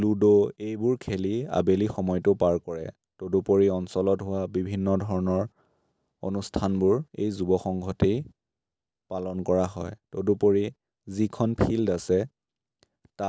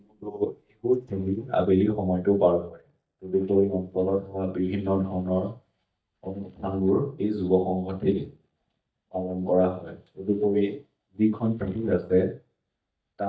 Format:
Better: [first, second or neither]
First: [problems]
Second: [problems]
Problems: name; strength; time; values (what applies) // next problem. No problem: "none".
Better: first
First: none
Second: noise reduction (neural mask model DeepFilterNet 3)